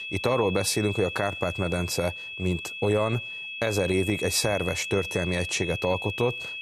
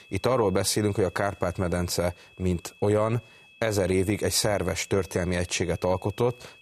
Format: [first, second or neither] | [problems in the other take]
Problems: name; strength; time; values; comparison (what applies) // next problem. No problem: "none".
second | high-pitched whine; loud; throughout; 2.5 kHz, 6 dB below the speech; faint in the second